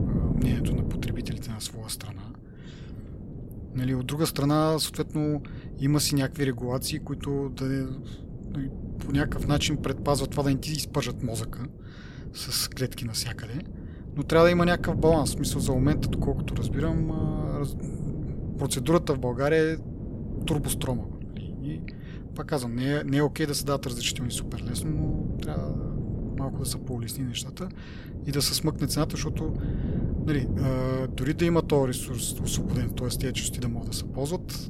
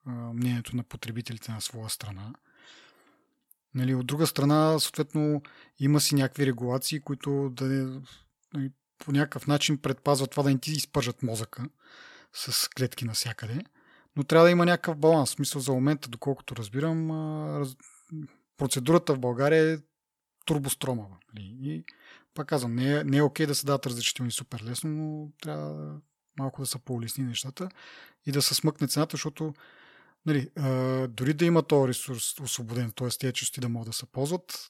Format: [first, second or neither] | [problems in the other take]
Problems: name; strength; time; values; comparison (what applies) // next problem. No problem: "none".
second | wind noise on the microphone; occasional gusts; 15 dB below the speech